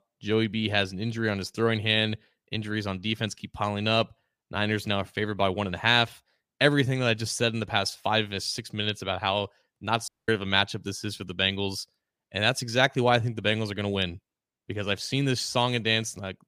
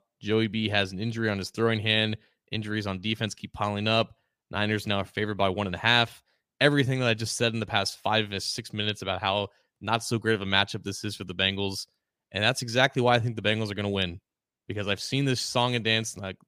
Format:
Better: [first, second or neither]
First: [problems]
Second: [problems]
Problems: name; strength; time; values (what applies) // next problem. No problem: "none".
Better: second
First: audio cutting out; at 10 s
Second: none